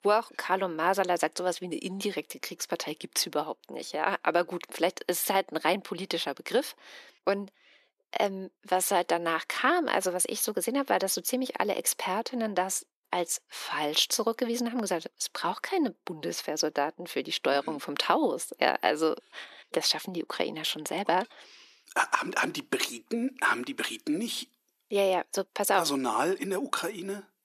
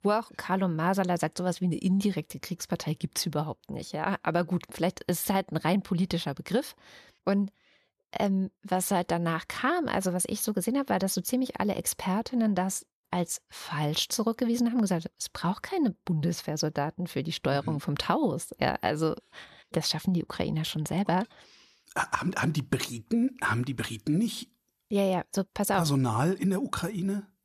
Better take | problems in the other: second | thin; somewhat; fading below 300 Hz

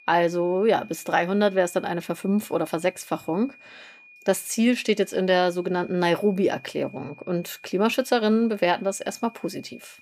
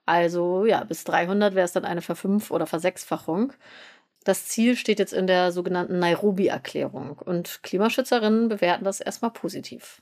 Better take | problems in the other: second | high-pitched whine; faint; throughout; 2.5 kHz, 25 dB below the speech

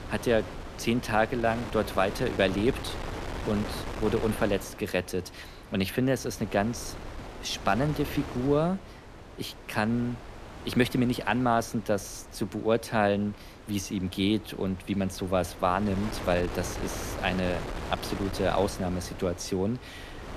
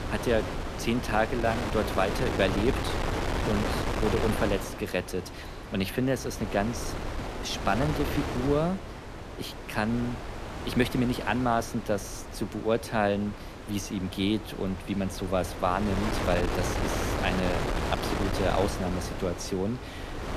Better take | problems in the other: first | wind noise on the microphone; heavy; 4 dB below the speech; occasional gusts in the first

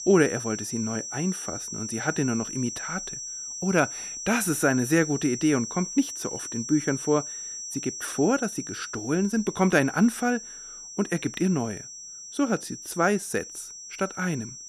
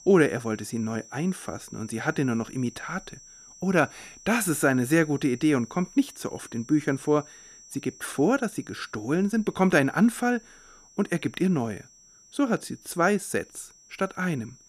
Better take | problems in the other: second | high-pitched whine; loud; throughout; 6 kHz, 8 dB below the speech; faint in the second

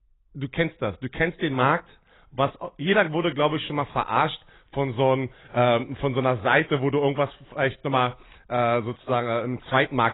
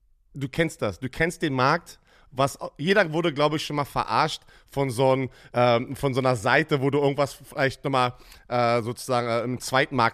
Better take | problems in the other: second | garbled, watery; badly; nothing above 4 kHz

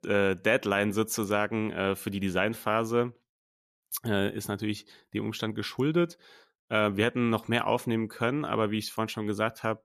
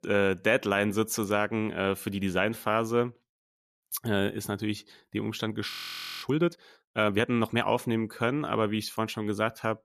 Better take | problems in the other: first | audio freezing; at 5.5 s for 0.5 s

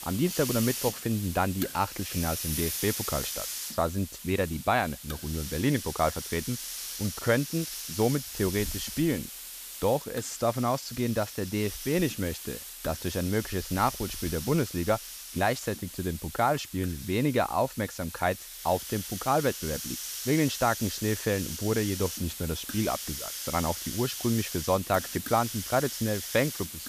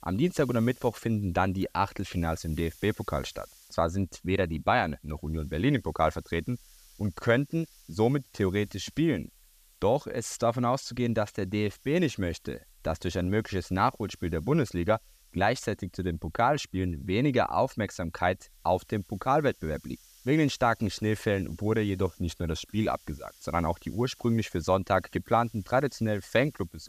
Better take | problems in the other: second | hiss; loud; throughout; 6 dB below the speech; faint in the second

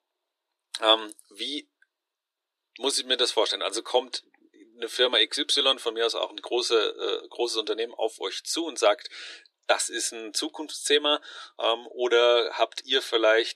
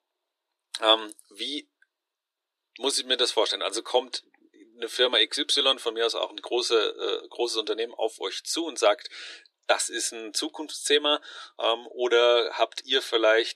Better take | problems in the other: neither | thin; very; fading below 350 Hz; the same in both

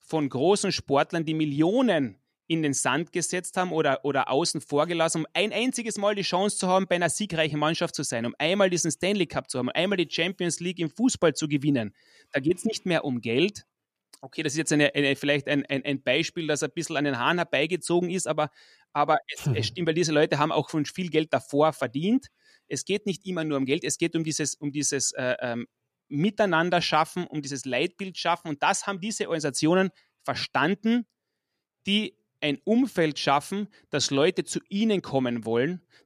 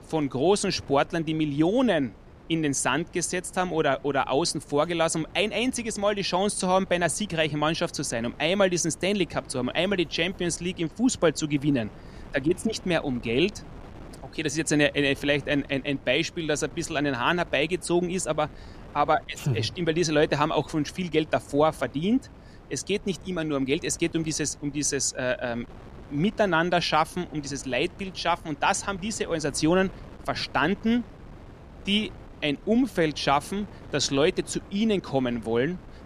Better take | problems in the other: first | wind noise on the microphone; occasional gusts; 25 dB below the speech

